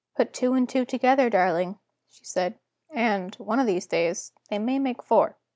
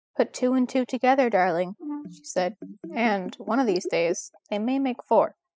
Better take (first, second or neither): first